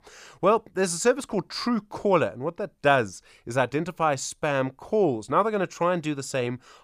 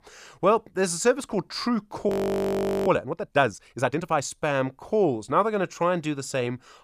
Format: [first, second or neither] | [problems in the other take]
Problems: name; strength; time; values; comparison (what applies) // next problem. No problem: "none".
first | audio freezing; at 2 s for 1 s